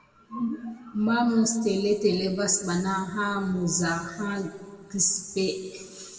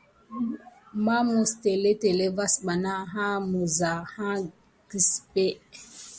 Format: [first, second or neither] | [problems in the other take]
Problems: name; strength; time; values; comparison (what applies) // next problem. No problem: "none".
second | room echo; dies away in 1.5 s